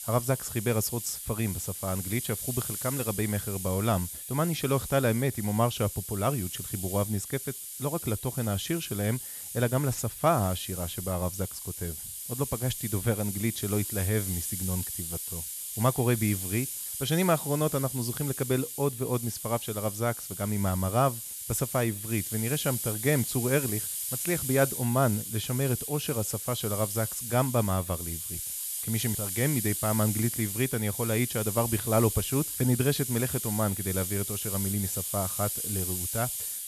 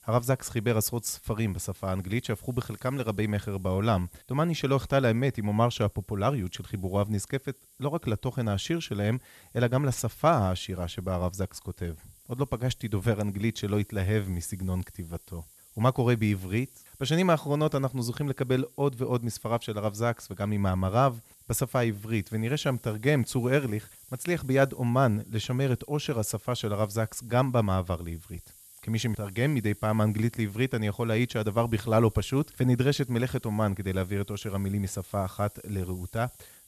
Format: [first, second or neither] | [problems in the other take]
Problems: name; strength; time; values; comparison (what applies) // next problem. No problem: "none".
second | hiss; loud; throughout; 4 dB below the speech; faint in the second